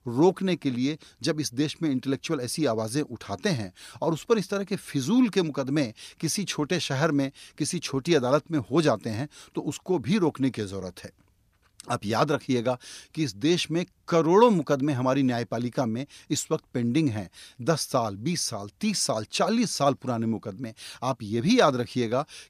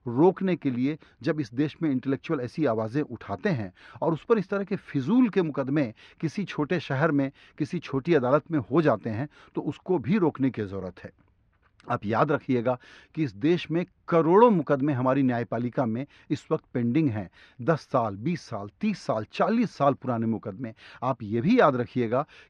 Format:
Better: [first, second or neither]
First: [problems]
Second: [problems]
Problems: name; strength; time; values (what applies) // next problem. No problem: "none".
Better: first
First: none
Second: muffled; very; fading above 2 kHz